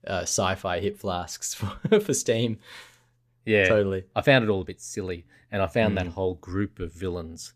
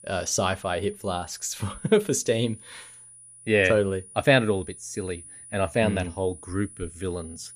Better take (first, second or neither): first